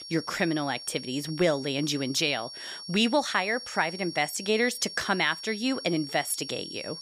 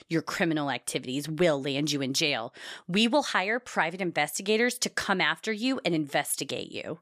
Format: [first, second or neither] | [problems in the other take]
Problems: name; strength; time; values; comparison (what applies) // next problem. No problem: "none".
second | high-pitched whine; noticeable; throughout; 5.5 kHz, 10 dB below the speech